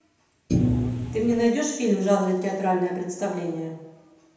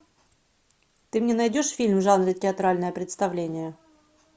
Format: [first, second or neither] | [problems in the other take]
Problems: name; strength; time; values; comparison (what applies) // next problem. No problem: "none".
second | background sound (Thump, thud); 1 dB above the speech // room echo; dies away in 0.9 s